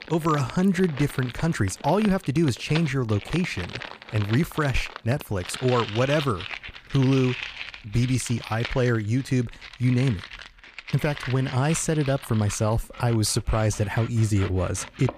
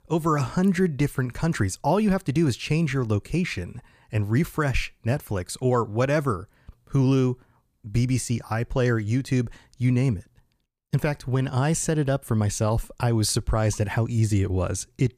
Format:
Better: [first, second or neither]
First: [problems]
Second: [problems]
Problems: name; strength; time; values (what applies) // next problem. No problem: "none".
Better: second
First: household noises; noticeable; throughout; 10 dB below the speech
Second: none